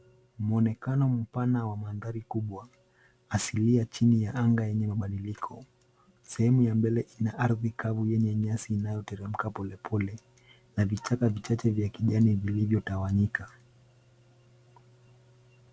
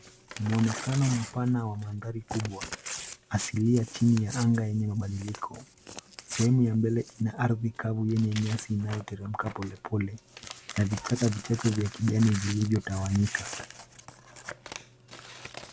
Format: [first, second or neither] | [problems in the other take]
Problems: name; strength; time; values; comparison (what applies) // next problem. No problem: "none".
first | background sound (Crumpling, crinkling / Tearing); 14 dB below the speech